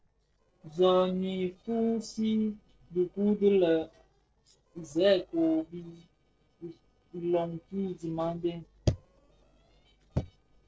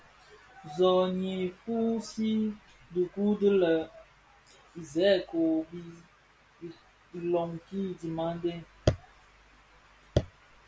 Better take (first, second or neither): second